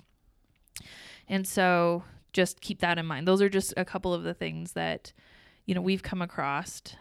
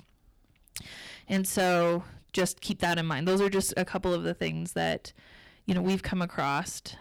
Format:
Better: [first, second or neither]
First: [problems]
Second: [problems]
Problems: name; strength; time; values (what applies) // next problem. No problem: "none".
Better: first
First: none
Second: distortion; heavy; 8% of the sound clipped